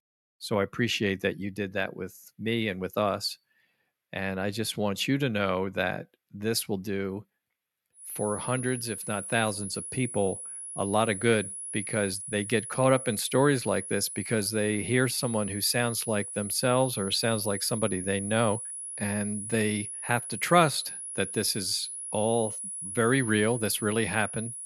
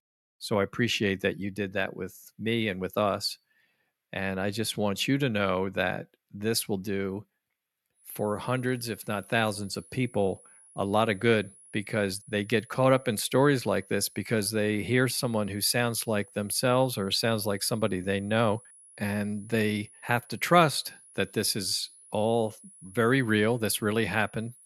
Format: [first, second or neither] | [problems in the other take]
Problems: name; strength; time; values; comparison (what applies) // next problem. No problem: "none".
second | high-pitched whine; loud; from 8 s on; 10.5 kHz, 7 dB below the speech; faint in the second